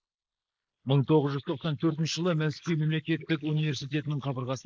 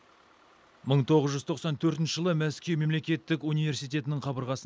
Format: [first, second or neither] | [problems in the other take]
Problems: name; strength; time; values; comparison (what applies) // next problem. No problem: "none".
second | noise reduction (neural mask model Resemble Enhance denoiser)